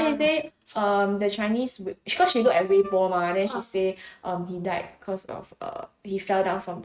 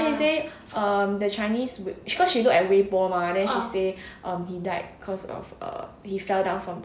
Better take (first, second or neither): second